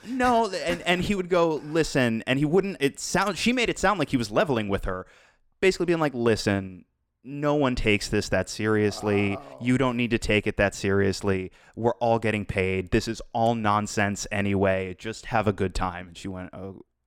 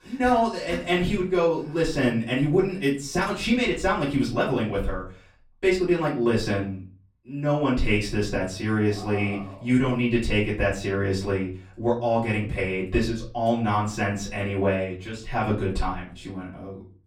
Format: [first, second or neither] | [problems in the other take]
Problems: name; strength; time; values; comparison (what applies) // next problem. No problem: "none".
first | off-mic speech; far // room echo; slight; dies away in 0.4 s